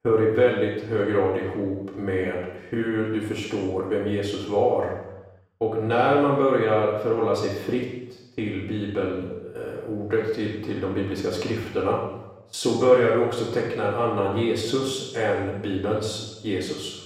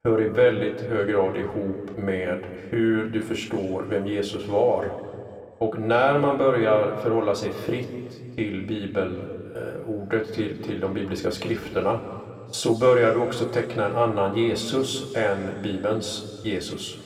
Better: second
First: room echo; strong; dies away in 0.9 s // off-mic speech; far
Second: room echo; slight; dies away in 2 s // off-mic speech; somewhat distant

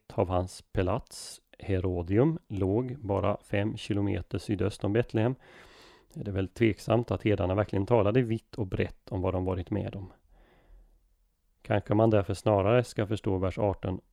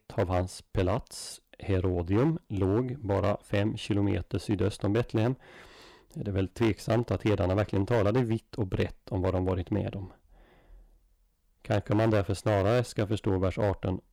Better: first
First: none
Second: distortion; slight; 5% of the sound clipped

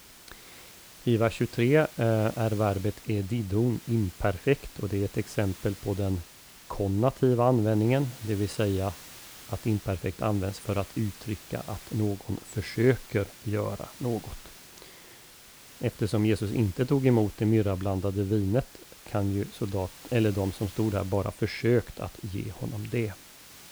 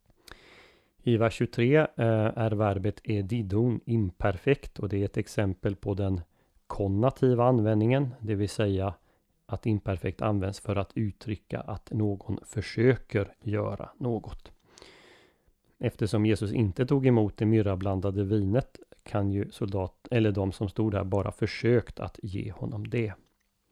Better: second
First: hiss; noticeable; throughout; 20 dB below the speech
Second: none

